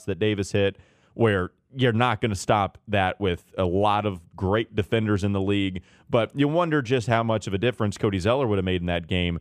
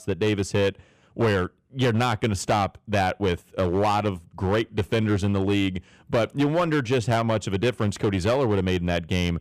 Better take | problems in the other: first | distortion; slight; 9% of the sound clipped

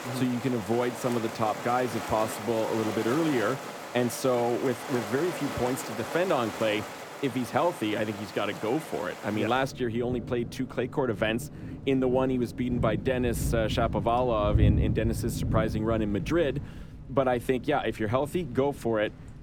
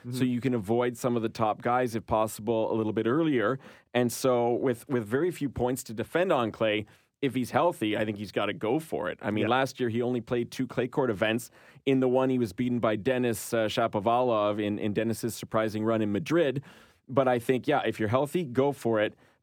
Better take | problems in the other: second | rain or running water; loud; throughout; 6 dB below the speech

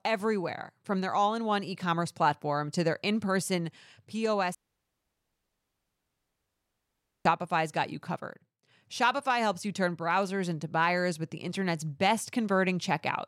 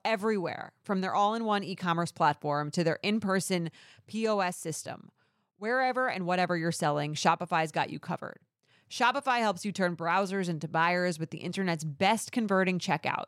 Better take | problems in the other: second | audio cutting out; at 4.5 s for 2.5 s

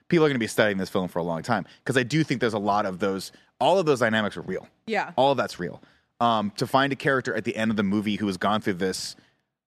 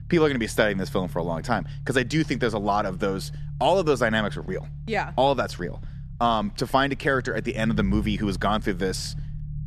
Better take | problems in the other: first | low rumble; faint; throughout; 25 dB below the speech

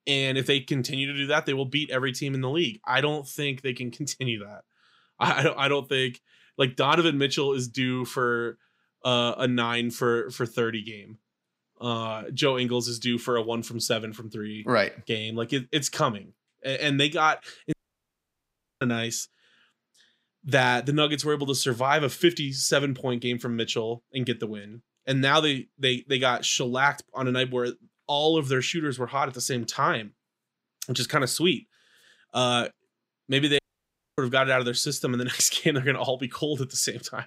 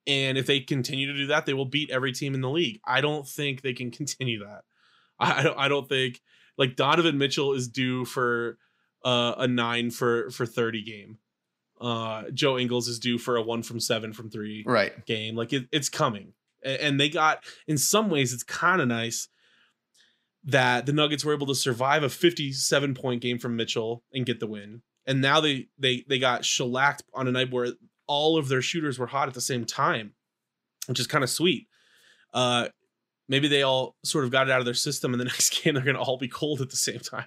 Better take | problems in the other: second | audio cutting out; at 18 s for 1 s and at 34 s for 0.5 s

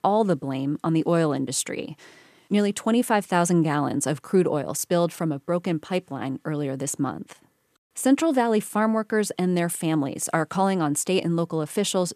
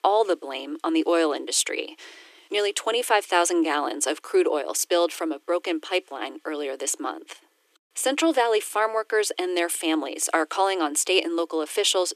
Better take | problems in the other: first | thin; very; fading below 300 Hz

